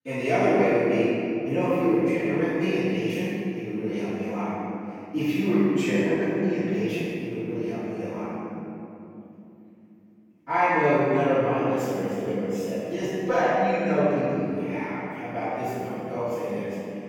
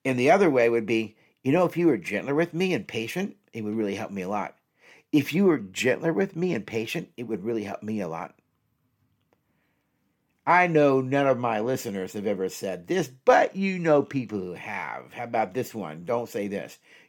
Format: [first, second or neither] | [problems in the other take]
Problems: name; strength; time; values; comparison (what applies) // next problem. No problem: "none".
second | off-mic speech; far // room echo; strong; dies away in 2.9 s